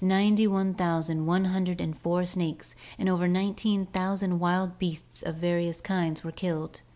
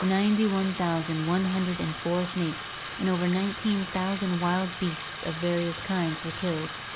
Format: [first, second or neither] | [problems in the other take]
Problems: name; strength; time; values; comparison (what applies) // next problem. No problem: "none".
first | background sound (Bathtub (filling or washing)); 9 dB below the speech